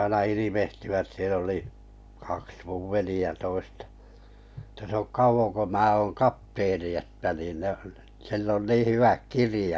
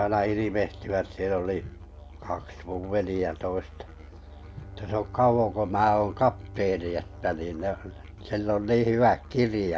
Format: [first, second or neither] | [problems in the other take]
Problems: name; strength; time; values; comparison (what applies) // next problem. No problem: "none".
first | background sound (Musical instrument + Bowed string instrument); 17 dB below the speech